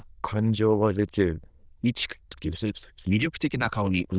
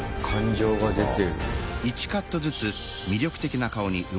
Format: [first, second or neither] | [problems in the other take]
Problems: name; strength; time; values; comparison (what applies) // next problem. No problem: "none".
second | noise reduction (neural diffusion model UNIVERSE++)